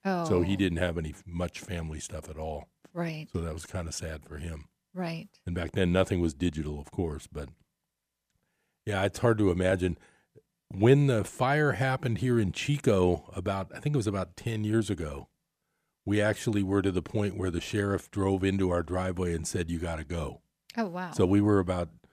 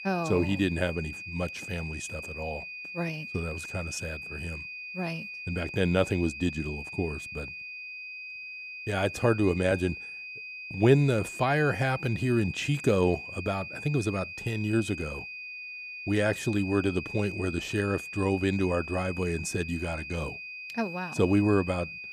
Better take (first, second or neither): first